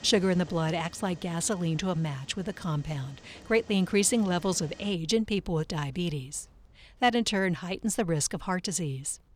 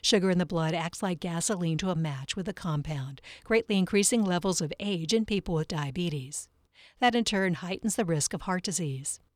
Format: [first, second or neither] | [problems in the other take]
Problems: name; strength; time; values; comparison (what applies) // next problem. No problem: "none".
second | machinery noise; faint; throughout; 25 dB below the speech